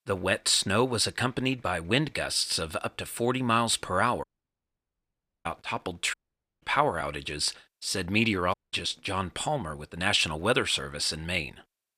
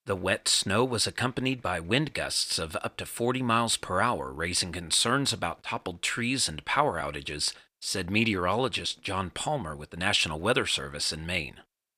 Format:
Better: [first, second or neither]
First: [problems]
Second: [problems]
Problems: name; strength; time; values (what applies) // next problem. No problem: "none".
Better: second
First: audio cutting out; at 4 s for 1 s, at 6 s and at 8.5 s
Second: none